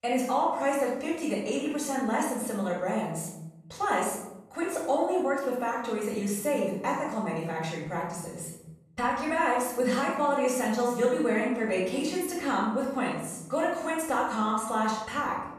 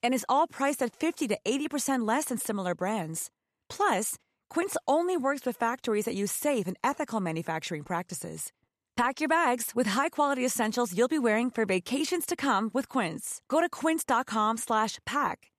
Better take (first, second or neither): second